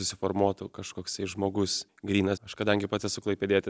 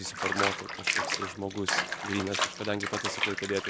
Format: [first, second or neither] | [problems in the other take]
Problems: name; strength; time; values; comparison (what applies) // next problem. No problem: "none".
first | background sound (Bathtub (filling or washing) / Water); 2 dB above the speech